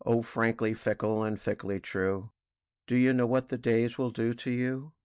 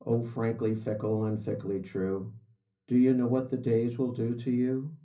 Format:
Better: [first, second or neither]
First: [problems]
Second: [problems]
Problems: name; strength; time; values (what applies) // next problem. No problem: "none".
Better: first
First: none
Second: room echo; dies away in 0.5 s